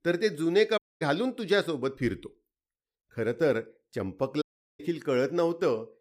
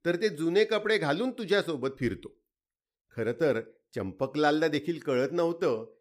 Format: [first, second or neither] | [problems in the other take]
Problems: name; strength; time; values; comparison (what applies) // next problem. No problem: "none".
second | audio cutting out; at 1 s and at 4.5 s